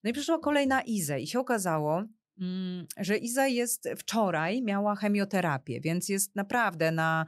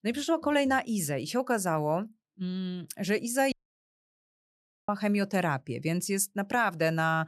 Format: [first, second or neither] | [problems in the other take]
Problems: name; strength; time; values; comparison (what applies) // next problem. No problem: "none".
first | audio cutting out; at 3.5 s for 1.5 s